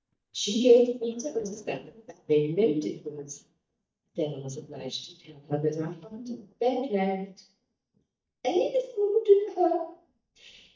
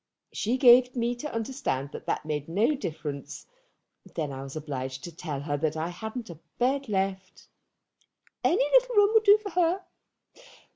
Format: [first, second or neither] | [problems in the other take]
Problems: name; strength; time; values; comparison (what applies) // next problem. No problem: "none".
second | noise reduction (neural mask model DeepFilterNet 3)